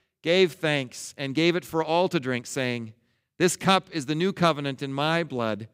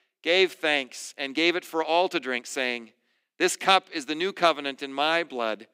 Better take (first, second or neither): first